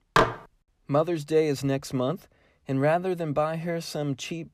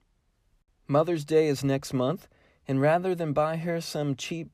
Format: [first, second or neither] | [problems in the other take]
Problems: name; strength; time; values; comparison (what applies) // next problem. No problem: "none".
second | clattering dishes; loud; at the start; peak 4 dB above the speech